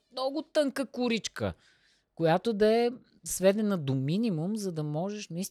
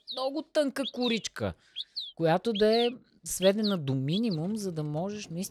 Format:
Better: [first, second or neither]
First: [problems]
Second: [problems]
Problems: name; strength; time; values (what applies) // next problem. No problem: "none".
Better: first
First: none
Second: animal sounds; loud; throughout; 8 dB below the speech